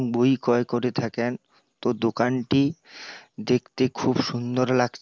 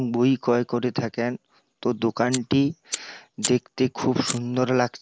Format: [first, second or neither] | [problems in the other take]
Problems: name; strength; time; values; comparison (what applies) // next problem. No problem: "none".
first | background sound (Fire); 11 dB below the speech